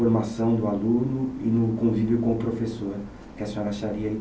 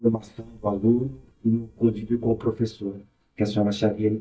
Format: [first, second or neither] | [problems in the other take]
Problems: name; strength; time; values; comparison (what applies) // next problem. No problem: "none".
first | noise reduction (neural mask model DeepFilterNet 3)